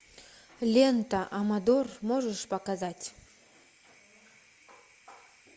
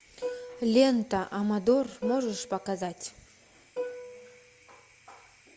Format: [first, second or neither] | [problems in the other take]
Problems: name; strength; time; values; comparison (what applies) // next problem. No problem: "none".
first | background sound (Plucked string instrument); 12 dB below the speech